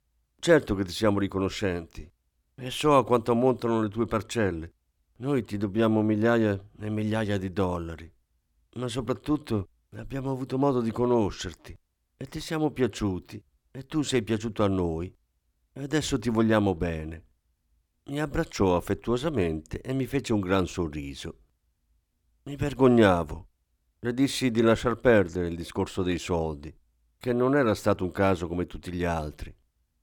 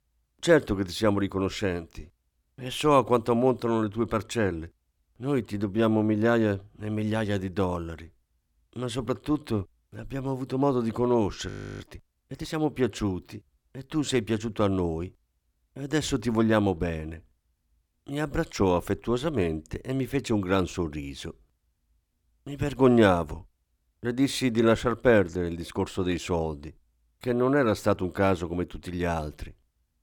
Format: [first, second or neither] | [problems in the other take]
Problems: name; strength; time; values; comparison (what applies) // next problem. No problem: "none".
first | audio freezing; at 12 s